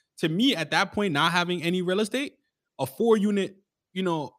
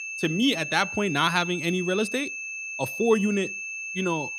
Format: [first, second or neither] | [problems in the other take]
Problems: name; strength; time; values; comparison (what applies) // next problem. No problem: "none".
first | high-pitched whine; loud; throughout; 2.5 kHz, 6 dB below the speech